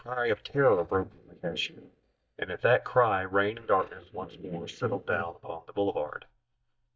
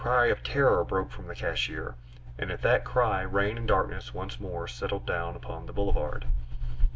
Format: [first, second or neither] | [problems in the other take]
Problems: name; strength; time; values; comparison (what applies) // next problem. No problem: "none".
second | noise reduction (neural mask model DeepFilterNet 3)